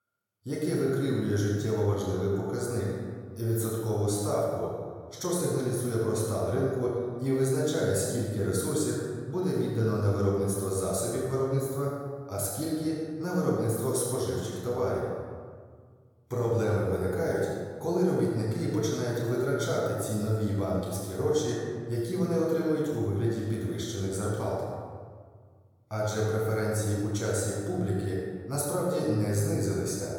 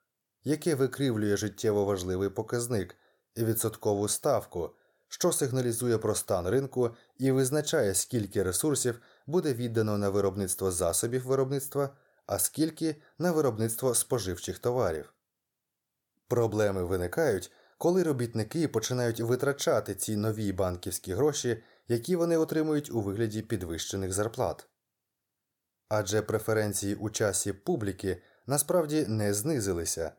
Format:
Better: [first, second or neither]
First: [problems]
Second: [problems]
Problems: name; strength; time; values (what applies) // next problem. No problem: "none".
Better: second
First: off-mic speech; far // room echo; strong; dies away in 1.6 s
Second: none